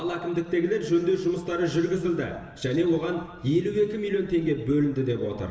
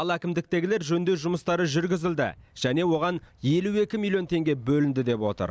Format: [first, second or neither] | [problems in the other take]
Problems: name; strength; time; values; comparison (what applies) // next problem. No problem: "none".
second | room echo; dies away in 1.3 s